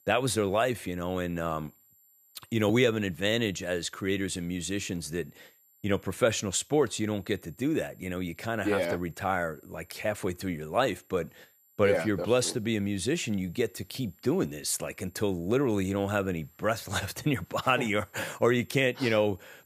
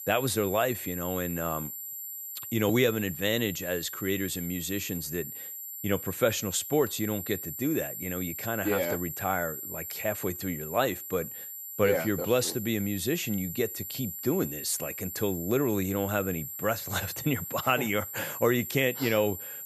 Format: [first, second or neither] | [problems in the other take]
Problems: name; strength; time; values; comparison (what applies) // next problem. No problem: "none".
first | high-pitched whine; loud; throughout; 12 kHz, 7 dB below the speech; faint in the first